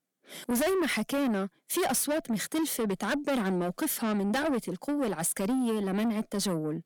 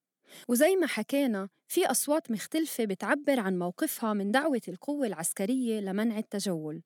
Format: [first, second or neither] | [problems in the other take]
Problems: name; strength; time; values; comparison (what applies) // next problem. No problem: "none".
second | distortion; heavy; 7 dB below the speech